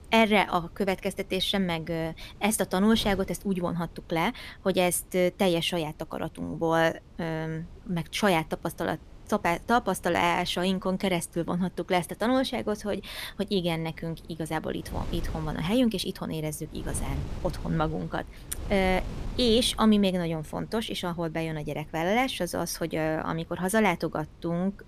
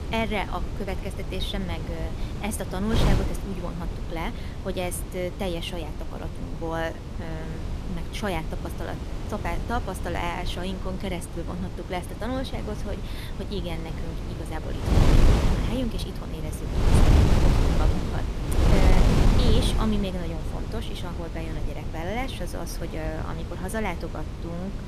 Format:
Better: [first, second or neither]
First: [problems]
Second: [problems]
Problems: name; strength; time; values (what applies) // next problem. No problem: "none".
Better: first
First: wind noise on the microphone; occasional gusts; 25 dB below the speech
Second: wind noise on the microphone; heavy; 2 dB below the speech